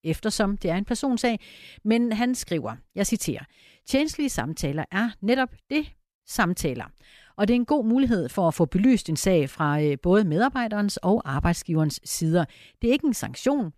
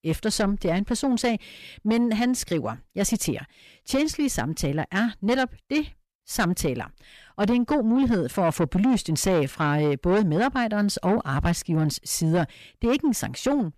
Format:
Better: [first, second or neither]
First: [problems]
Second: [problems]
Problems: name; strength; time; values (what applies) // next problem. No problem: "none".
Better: first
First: none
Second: distortion; slight; 10 dB below the speech